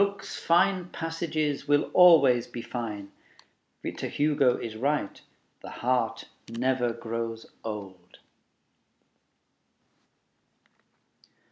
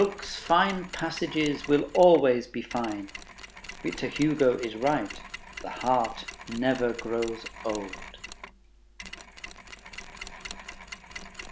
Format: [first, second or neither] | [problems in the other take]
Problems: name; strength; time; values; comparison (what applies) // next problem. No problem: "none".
first | background sound (Mechanisms); 14 dB below the speech